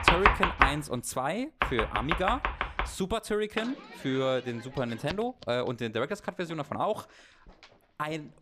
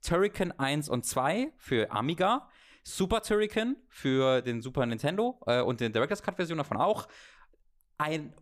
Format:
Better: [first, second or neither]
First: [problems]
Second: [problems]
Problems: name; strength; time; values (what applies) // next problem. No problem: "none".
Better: second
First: household noises; very loud; throughout; 2 dB above the speech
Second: none